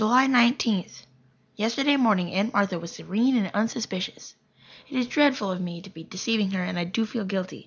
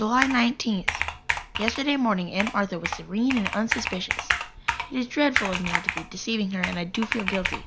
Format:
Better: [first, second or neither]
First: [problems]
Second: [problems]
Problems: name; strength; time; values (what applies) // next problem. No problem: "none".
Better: first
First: none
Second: background sound (Computer keyboard); 4 dB below the speech